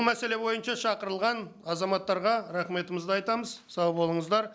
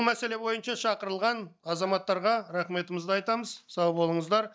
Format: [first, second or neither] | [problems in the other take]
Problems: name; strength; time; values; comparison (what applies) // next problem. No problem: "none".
first | noise reduction (neural mask model DeepFilterNet 3)